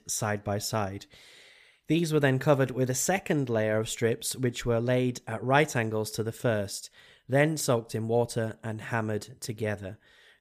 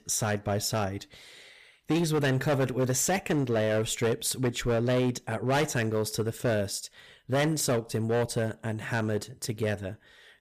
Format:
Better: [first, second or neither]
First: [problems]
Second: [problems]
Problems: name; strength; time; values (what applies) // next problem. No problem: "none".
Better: first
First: none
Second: distortion; heavy; 10% of the sound clipped